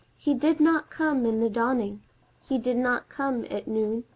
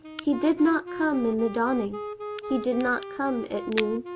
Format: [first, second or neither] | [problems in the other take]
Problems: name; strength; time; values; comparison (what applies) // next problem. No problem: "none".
first | background sound (Wind instrument, woodwind instrument + Crack); 10 dB below the speech